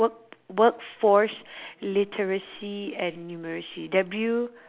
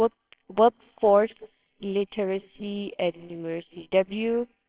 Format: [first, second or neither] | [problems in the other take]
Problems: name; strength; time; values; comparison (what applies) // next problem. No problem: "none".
first | noise reduction (neural separator model SepFormer WHAMR!)